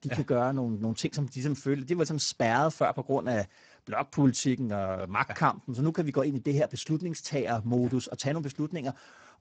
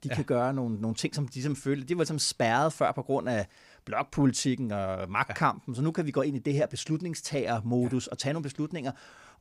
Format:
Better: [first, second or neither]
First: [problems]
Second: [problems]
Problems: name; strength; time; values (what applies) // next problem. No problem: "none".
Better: second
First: garbled, watery; badly; nothing above 8 kHz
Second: none